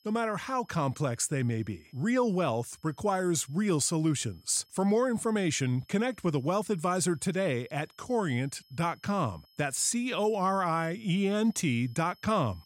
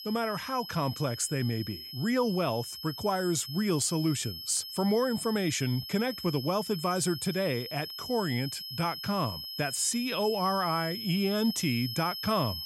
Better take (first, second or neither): first